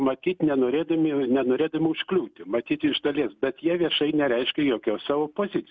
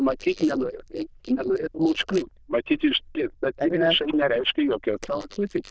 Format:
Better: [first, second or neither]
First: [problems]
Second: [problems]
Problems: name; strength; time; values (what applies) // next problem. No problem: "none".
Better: first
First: none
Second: noise reduction (neural diffusion model UNIVERSE++)